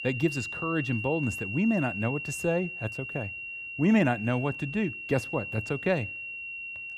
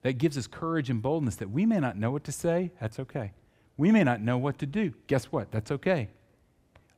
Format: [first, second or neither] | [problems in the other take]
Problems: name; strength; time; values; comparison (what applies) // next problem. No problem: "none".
second | high-pitched whine; loud; throughout; 2.5 kHz, 6 dB below the speech